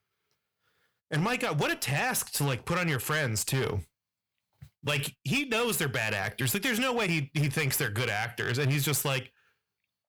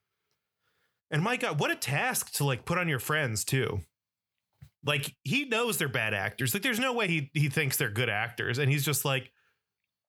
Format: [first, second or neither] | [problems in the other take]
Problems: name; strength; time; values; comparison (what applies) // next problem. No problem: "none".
second | distortion; slight; 11% of the sound clipped